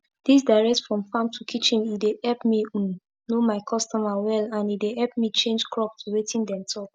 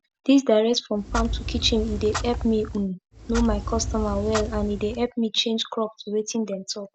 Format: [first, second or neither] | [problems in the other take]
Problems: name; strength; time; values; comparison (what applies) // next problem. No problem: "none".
first | background sound (Clock); 5 dB below the speech